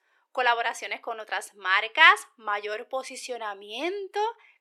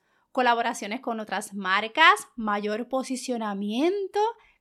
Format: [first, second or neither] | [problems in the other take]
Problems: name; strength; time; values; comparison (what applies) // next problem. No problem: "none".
second | thin; very; fading below 350 Hz